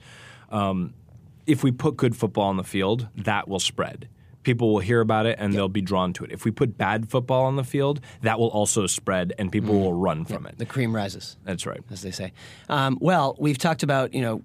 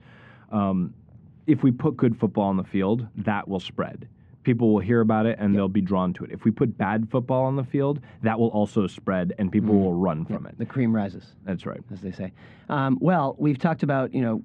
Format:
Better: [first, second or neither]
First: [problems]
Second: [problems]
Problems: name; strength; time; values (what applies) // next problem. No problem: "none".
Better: first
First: none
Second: muffled; very; fading above 2 kHz